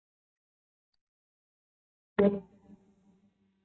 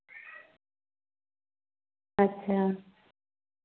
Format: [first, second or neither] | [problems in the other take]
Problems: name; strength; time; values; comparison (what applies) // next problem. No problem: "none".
second | noise reduction (neural mask model DeepFilterNet 3)